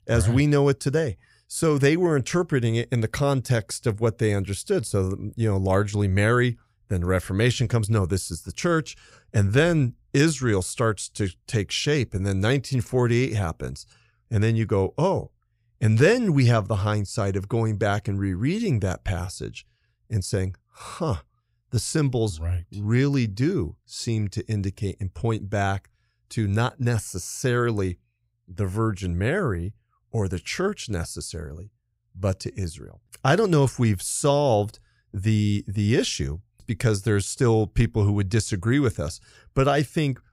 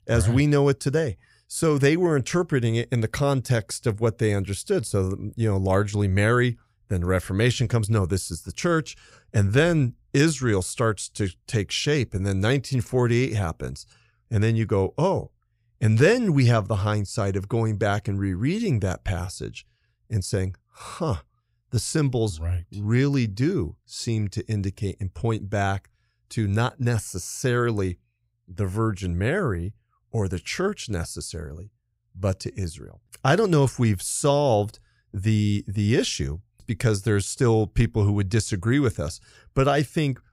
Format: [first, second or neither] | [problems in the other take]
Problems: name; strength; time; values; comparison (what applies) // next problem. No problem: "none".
neither | none